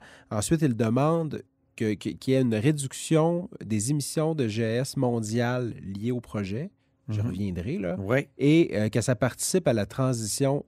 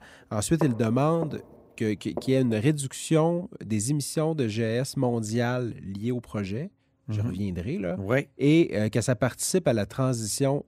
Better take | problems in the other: first | footsteps; noticeable; from 0.5 to 2.5 s; peak 10 dB below the speech

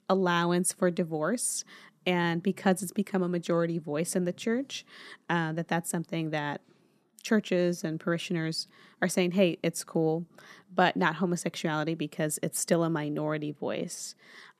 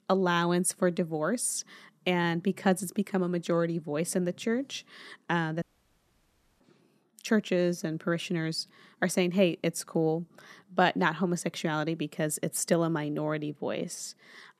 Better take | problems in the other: first | audio cutting out; at 5.5 s for 1 s

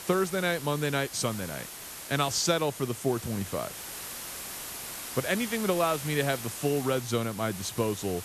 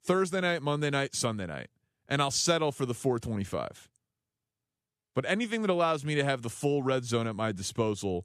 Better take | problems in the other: second | hiss; loud; throughout; 9 dB below the speech

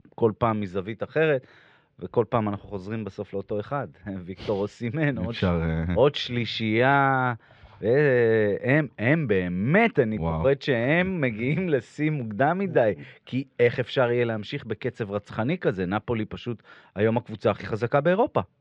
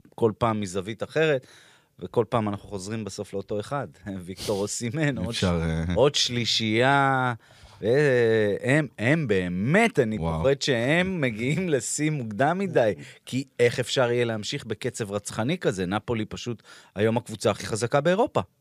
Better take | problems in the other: second | muffled; very; fading above 3 kHz

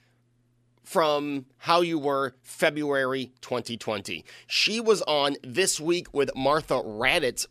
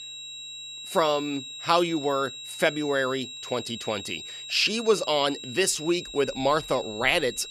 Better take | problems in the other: first | high-pitched whine; noticeable; throughout; 4 kHz, 10 dB below the speech

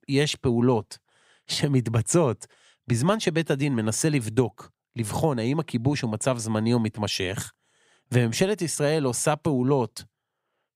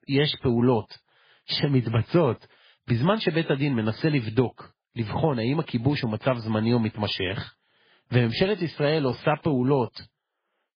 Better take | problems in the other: first | garbled, watery; badly; nothing above 4 kHz

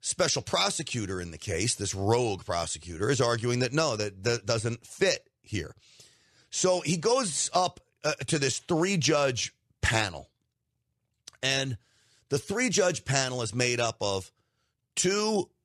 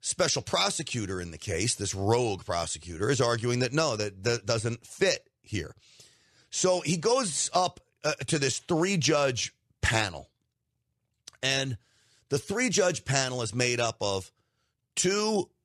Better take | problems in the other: neither | none

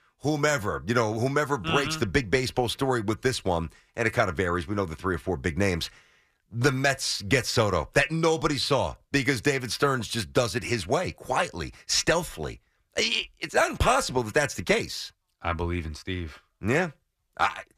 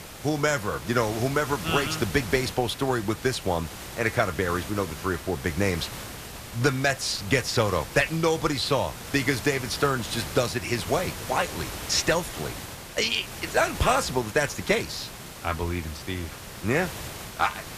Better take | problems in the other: first | hiss; noticeable; throughout; 10 dB below the speech

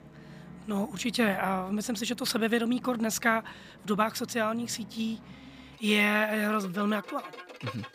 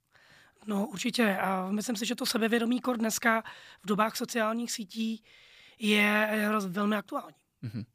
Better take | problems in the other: second | background music; noticeable; throughout; 20 dB below the speech

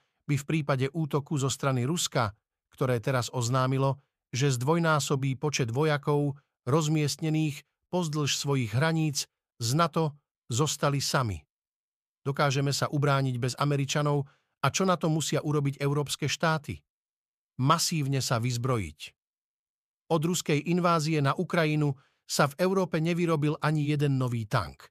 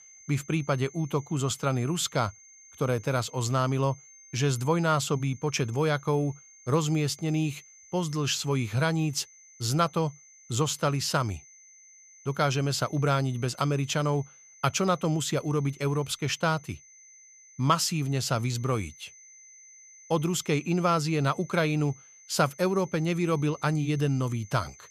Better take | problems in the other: first | high-pitched whine; faint; throughout; 6 kHz, 20 dB below the speech

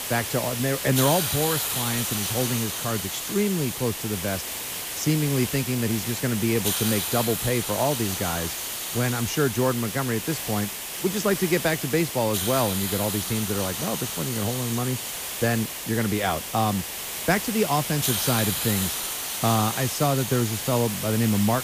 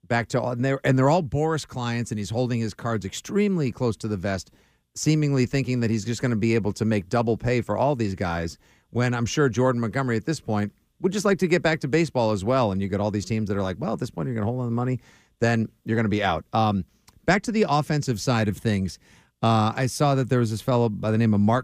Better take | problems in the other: second | hiss; loud; throughout; 2 dB below the speech

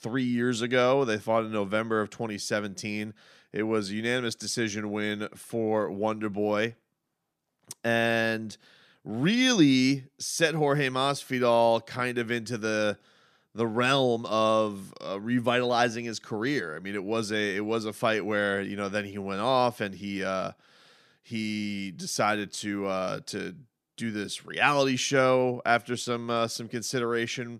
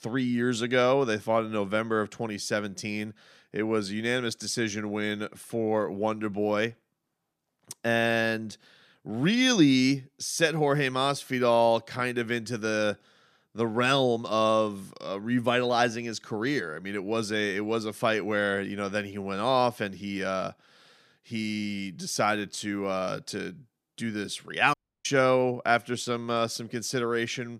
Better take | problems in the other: first | audio cutting out; at 25 s

